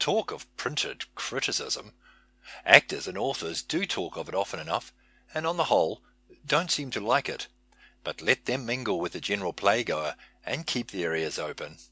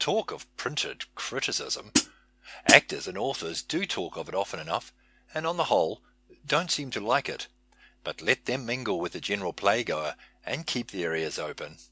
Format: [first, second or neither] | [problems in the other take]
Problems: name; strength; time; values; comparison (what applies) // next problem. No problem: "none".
first | background sound (Hi-hat); 3 dB above the speech